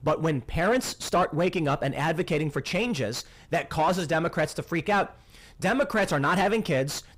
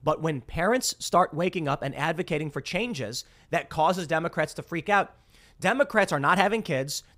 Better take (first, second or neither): second